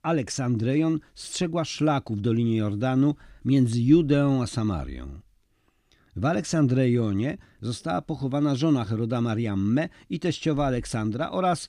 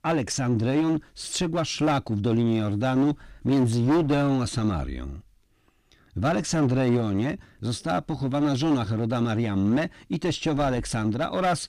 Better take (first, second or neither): first